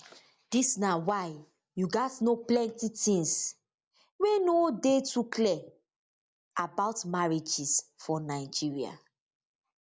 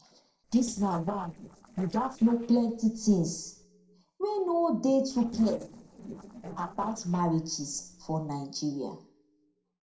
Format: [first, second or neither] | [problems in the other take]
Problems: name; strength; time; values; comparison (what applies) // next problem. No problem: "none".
first | noise reduction (neural separator model SepFormer DNS4)